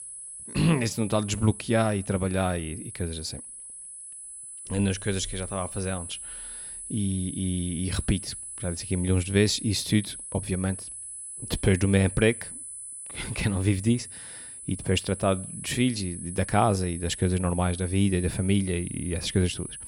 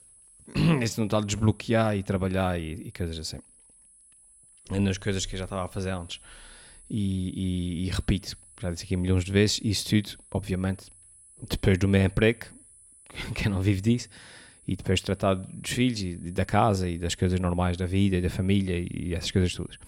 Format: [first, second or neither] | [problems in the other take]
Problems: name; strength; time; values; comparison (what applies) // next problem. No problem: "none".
second | high-pitched whine; loud; throughout; 10 kHz, 10 dB below the speech; faint in the second